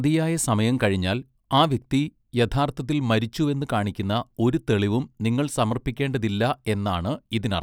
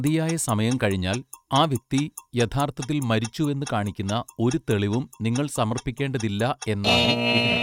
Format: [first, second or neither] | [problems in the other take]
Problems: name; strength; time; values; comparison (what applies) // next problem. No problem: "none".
first | noise reduction (neural mask model RNNoise)